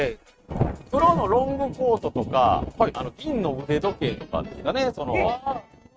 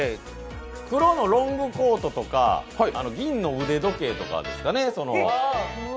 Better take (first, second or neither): second